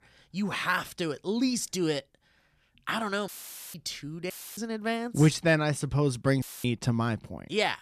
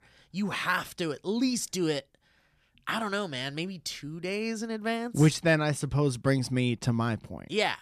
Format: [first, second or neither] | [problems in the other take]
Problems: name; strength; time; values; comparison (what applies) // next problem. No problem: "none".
second | audio cutting out; filled with static; at 3.5 s, at 4.5 s and at 6.5 s